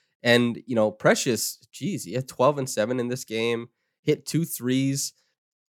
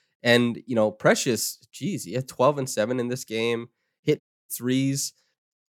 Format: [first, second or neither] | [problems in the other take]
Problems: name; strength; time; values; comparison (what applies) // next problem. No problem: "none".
first | audio cutting out; at 4 s